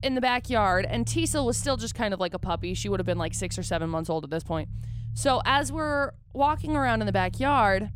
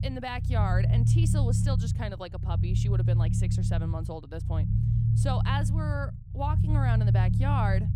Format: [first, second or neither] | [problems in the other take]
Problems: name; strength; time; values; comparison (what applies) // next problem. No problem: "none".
first | low rumble; loud; throughout; 3 dB below the speech; faint in the first